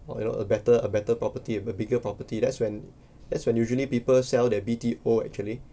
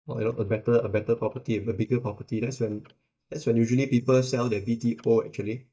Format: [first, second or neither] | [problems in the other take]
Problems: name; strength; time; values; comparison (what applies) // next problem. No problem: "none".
first | noise reduction (neural mask model DeepFilterNet 3)